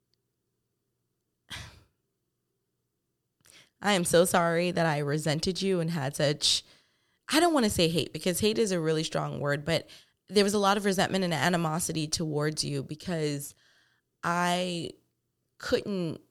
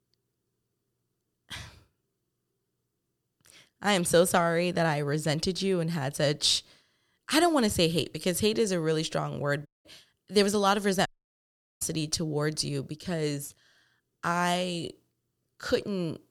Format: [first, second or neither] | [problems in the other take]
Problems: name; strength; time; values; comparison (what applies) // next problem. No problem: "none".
first | audio cutting out; at 9.5 s and at 11 s for 1 s